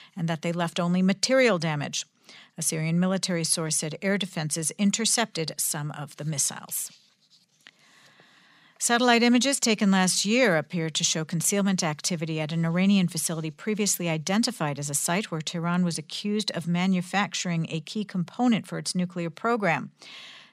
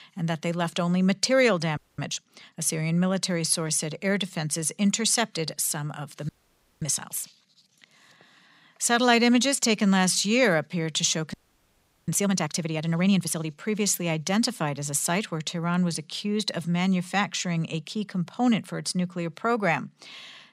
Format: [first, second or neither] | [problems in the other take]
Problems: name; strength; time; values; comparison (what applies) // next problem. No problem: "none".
first | audio freezing; at 2 s, at 6.5 s for 0.5 s and at 11 s for 0.5 s